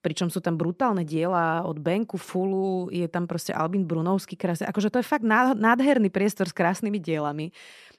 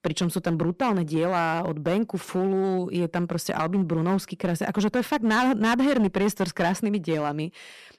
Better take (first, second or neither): first